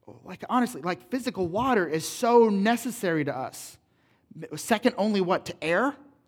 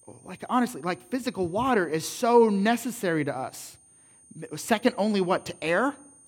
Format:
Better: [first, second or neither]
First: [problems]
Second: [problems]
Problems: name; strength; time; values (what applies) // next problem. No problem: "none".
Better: first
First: none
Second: high-pitched whine; faint; throughout; 9 kHz, 25 dB below the speech